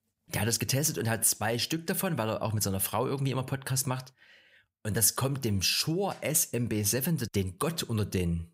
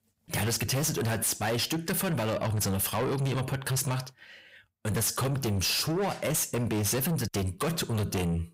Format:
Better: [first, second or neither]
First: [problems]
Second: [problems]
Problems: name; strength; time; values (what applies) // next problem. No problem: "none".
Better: first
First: none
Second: distortion; heavy; 6 dB below the speech